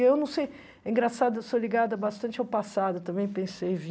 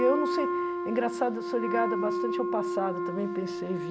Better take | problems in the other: first | background sound (Wind instrument, woodwind instrument); as loud as the speech

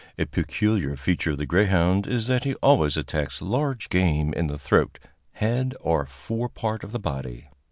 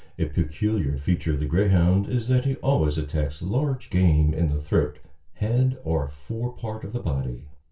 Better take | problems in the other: first | room echo; dies away in 0.2 s

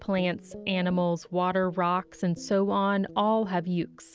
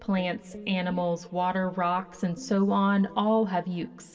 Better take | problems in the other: first | room echo; dies away in 1.1 s

